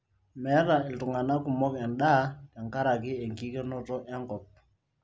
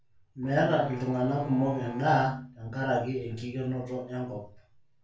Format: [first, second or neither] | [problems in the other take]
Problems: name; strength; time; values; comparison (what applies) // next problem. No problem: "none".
first | background sound (Bowed string instrument); 12 dB below the speech // room echo; dies away in 0.3 s